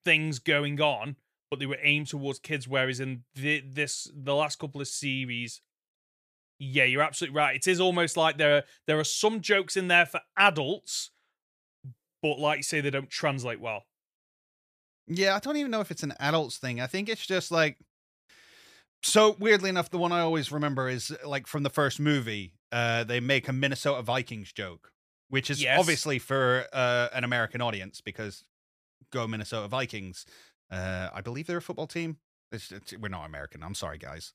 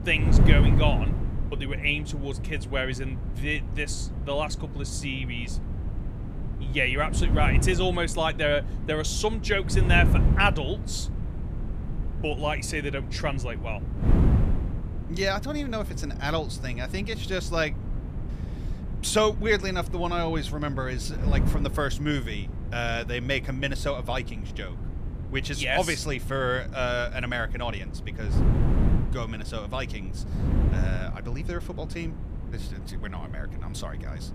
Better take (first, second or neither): first